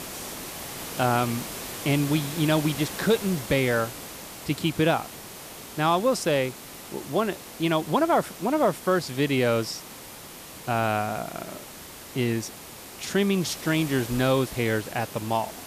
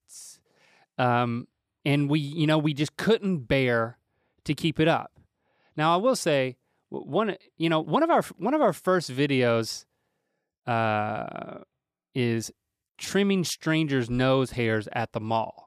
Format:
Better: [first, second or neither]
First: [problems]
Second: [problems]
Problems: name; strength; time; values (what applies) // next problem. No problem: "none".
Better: second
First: hiss; noticeable; throughout; 10 dB below the speech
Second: none